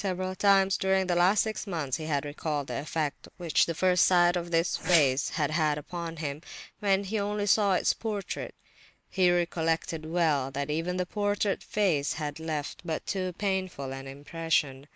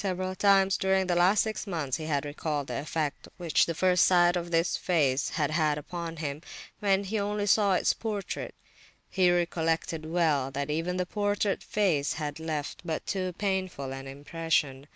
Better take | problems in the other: second | noise reduction (neural mask model Resemble Enhance denoiser)

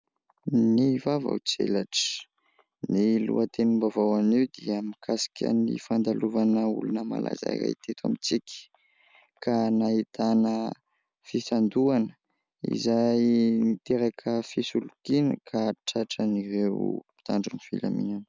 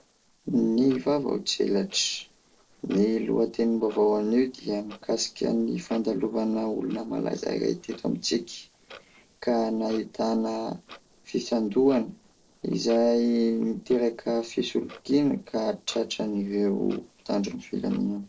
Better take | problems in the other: first | noise reduction (neural separator model SepFormer DNS4)

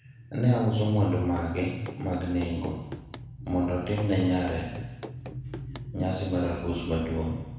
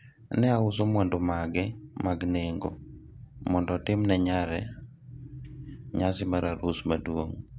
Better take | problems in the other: second | background sound (Run); 16 dB below the speech // room echo; dies away in 1 s

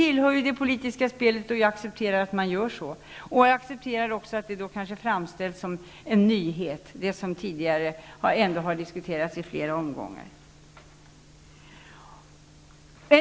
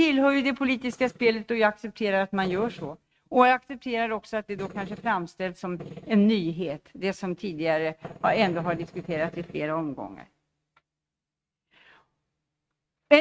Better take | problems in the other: first | noise reduction (neural mask model RNNoise)

